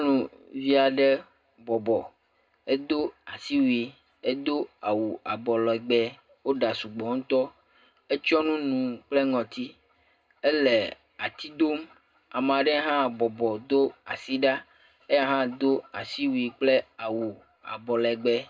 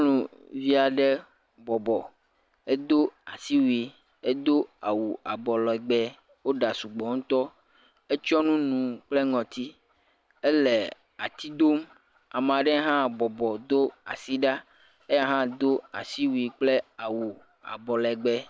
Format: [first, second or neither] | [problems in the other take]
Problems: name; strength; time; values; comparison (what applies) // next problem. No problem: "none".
second | room echo; dies away in 0.2 s